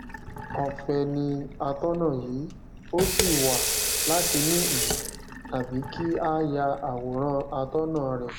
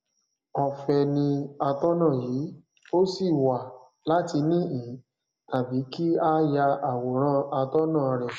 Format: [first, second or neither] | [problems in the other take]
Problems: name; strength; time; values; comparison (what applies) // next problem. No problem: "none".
second | background sound (Sink (filling or washing) / Water tap, faucet); 3 dB below the speech